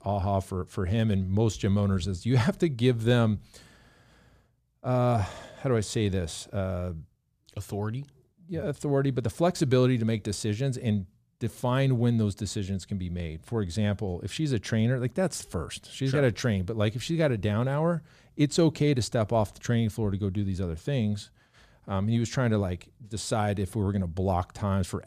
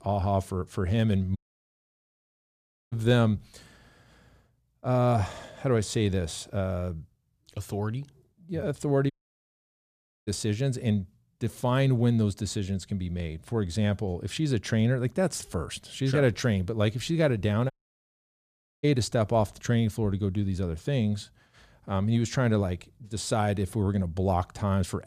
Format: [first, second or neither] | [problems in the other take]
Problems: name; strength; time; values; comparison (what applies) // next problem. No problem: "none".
first | audio cutting out; at 1.5 s for 1.5 s, at 9 s for 1 s and at 18 s for 1 s